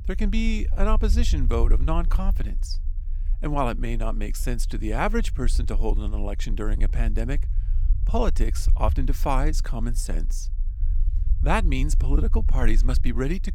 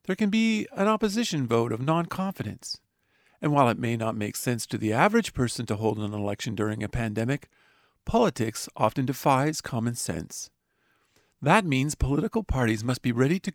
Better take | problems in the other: second | low rumble; noticeable; throughout; 20 dB below the speech

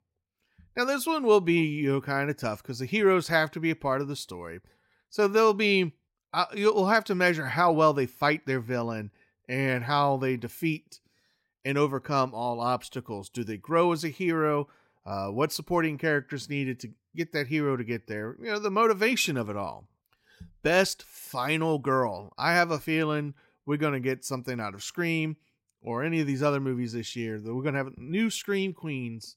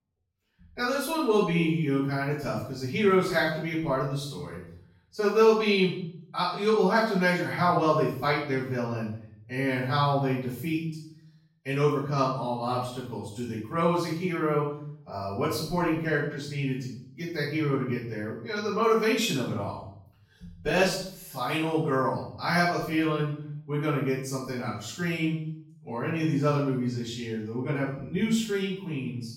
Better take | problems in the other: first | off-mic speech; far // room echo; noticeable; dies away in 0.6 s

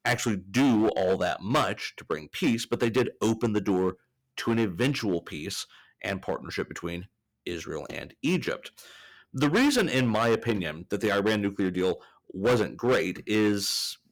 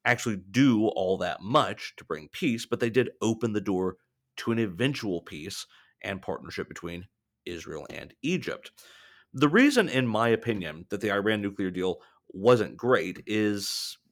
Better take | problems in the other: second | distortion; heavy; 7% of the sound clipped

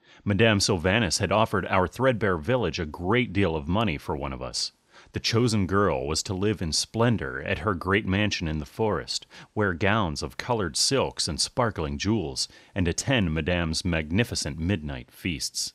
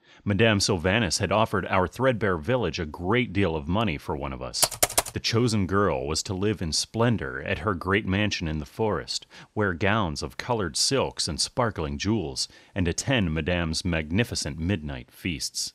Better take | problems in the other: first | keyboard typing; loud; at 4.5 s; peak 3 dB above the speech

